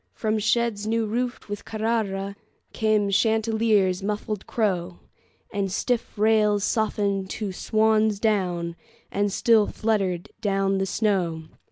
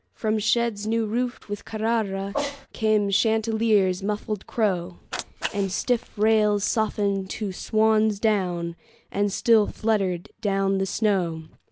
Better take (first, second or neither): first